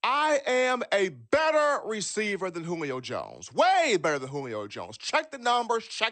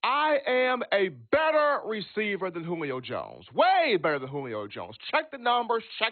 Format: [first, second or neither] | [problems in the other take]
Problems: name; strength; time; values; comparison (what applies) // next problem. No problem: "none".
first | garbled, watery; badly; nothing above 4 kHz; slightly in the first